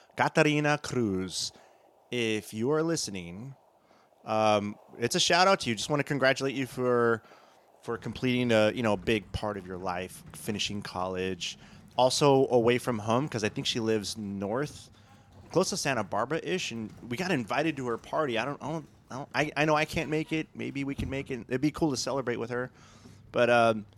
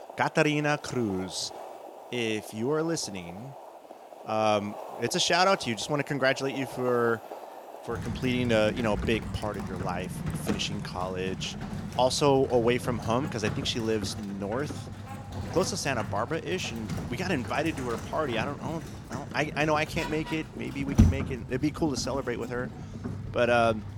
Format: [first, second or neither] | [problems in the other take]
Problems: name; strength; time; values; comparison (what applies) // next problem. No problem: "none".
first | household noises; loud; throughout; 8 dB below the speech; faint in the first